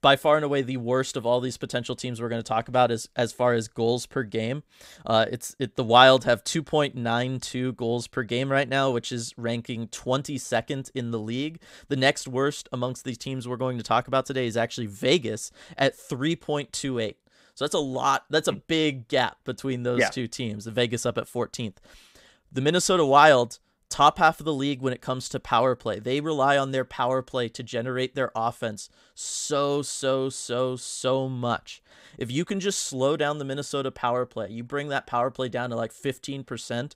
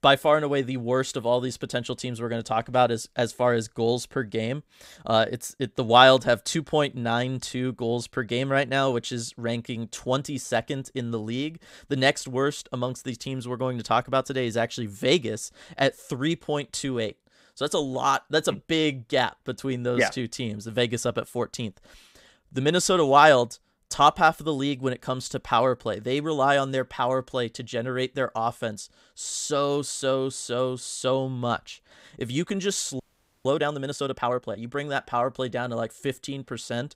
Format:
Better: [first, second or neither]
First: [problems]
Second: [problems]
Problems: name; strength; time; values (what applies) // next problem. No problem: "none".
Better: first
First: none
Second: audio freezing; at 33 s